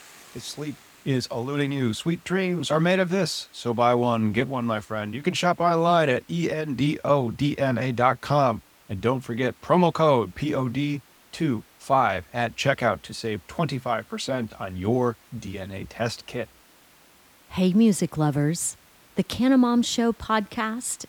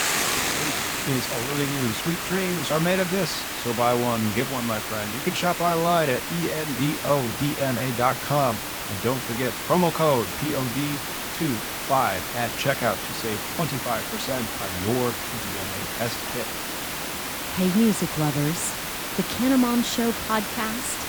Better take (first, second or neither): first